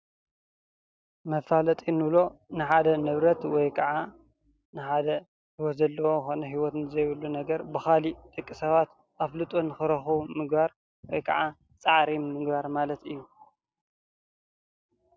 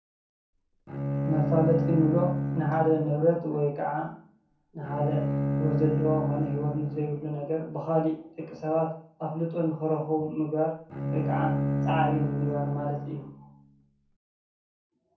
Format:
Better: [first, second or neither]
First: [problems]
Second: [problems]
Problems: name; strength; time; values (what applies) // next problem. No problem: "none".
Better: first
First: none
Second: background sound (Bowed string instrument); 1 dB below the speech // room echo; dies away in 0.6 s